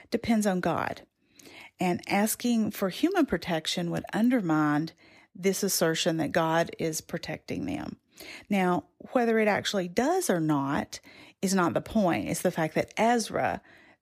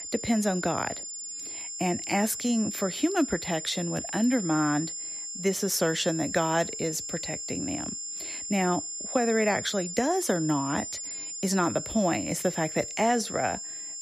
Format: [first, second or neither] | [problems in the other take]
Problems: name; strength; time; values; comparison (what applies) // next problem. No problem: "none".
first | high-pitched whine; loud; throughout; 7.5 kHz, 6 dB below the speech